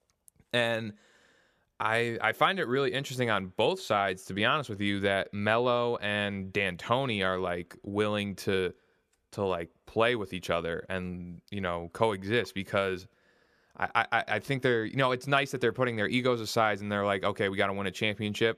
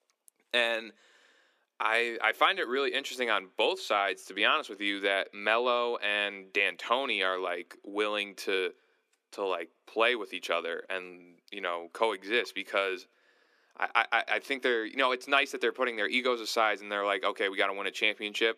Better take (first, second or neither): first